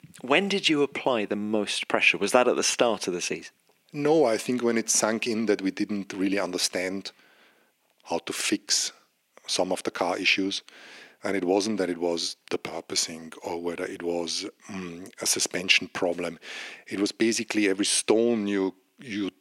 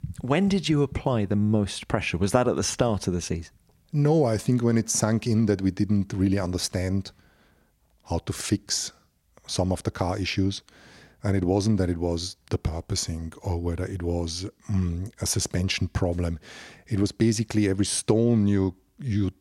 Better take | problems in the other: second | thin; somewhat; fading below 300 Hz

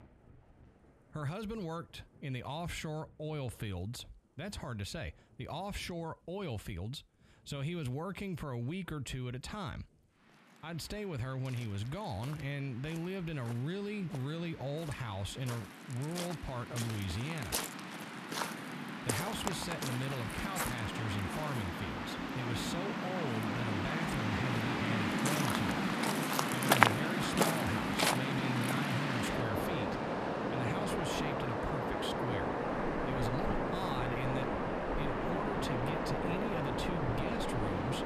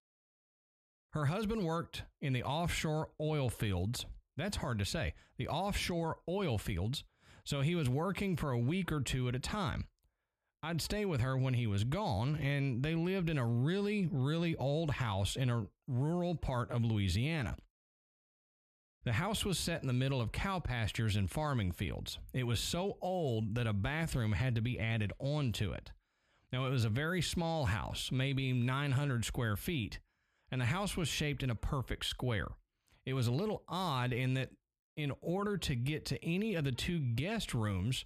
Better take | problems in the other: second | rain or running water; very loud; throughout; 5 dB above the speech

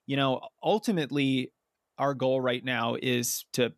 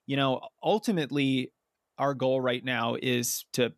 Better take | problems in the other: neither | none

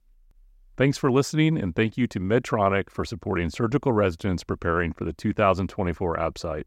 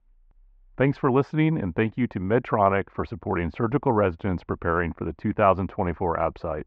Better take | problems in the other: first | muffled; very; fading above 2.5 kHz

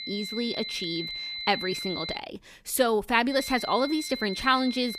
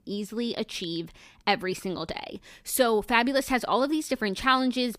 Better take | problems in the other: second | high-pitched whine; loud; until 2 s and from 3.5 s on; 4 kHz, 7 dB below the speech

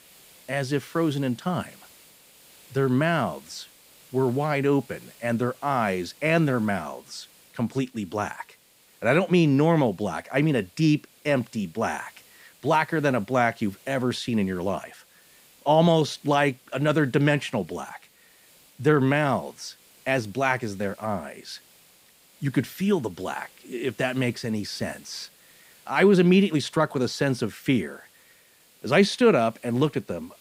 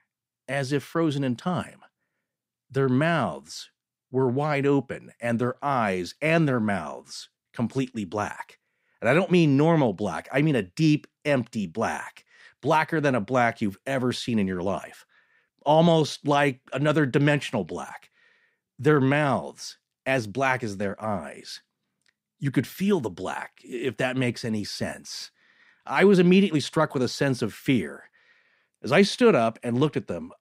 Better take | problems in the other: second | hiss; faint; throughout; 30 dB below the speech

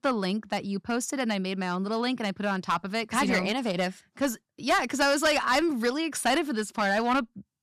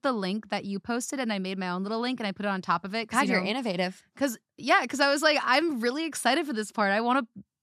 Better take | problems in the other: second | distortion; slight; 4% of the sound clipped

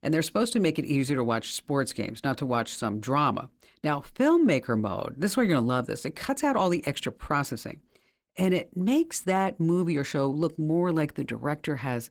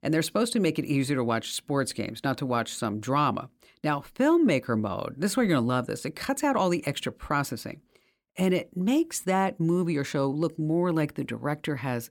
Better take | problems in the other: second | garbled, watery; slightly; nothing above 17.5 kHz

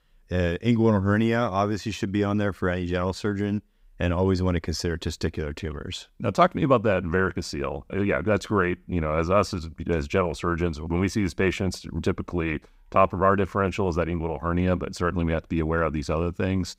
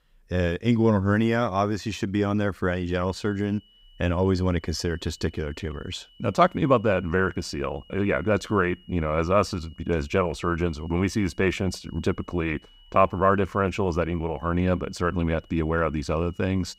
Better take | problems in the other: first | high-pitched whine; faint; from 3 s on; 3 kHz, 30 dB below the speech

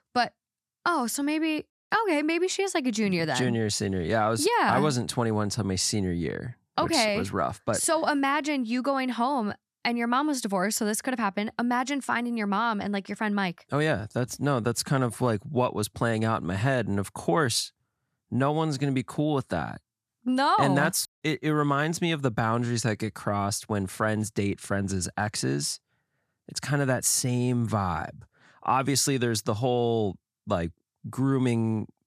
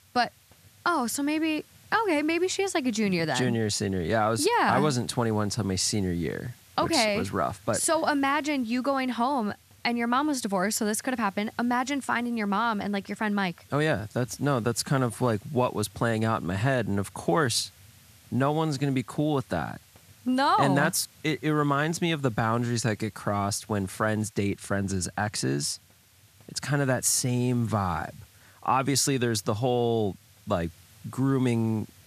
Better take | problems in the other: first | hiss; faint; throughout; 25 dB below the speech

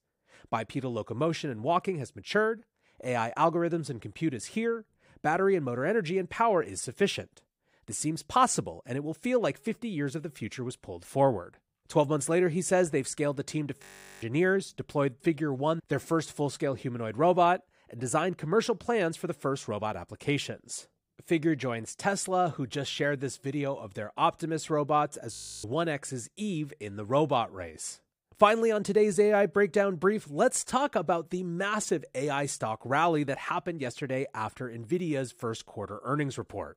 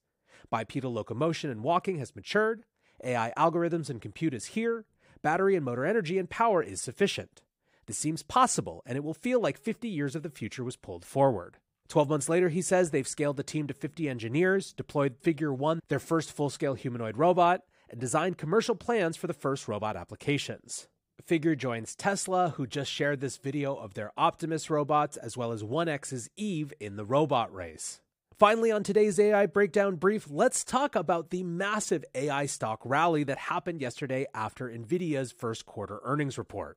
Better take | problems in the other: second | audio freezing; at 14 s and at 25 s

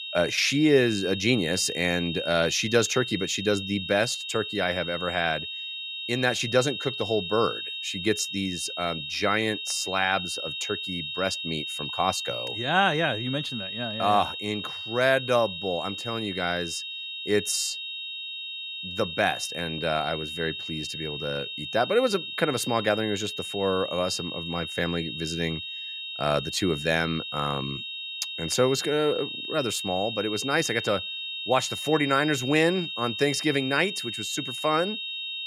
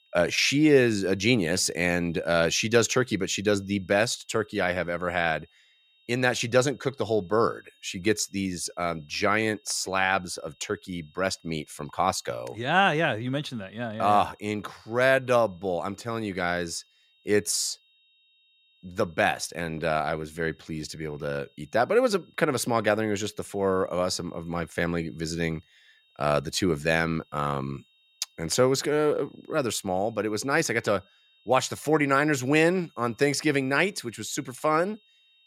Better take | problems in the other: second | high-pitched whine; loud; throughout; 3.5 kHz, 5 dB below the speech; faint in the second

